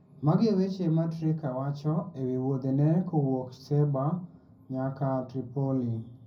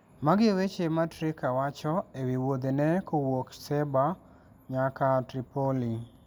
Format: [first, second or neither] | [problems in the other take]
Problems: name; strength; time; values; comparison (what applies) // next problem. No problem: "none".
second | room echo; dies away in 0.4 s